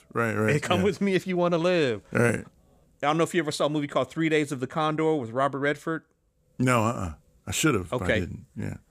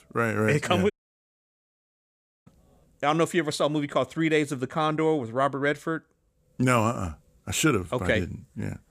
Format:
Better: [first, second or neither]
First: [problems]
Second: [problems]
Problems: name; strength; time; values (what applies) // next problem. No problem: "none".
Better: first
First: none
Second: audio cutting out; at 1 s for 1.5 s